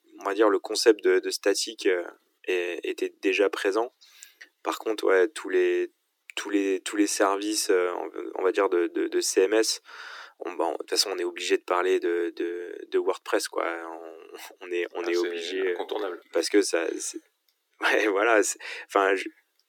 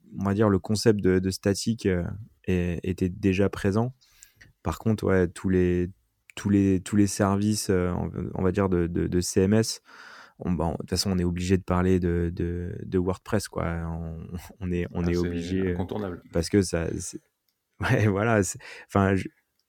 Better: second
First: thin; very; fading below 300 Hz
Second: none

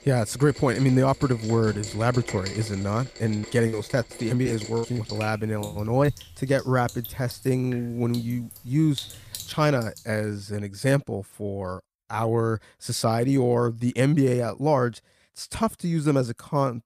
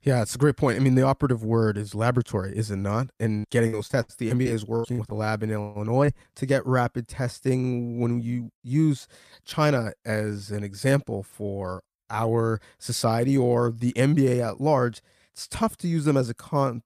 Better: second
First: rain or running water; noticeable; until 10 s; 15 dB below the speech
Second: none

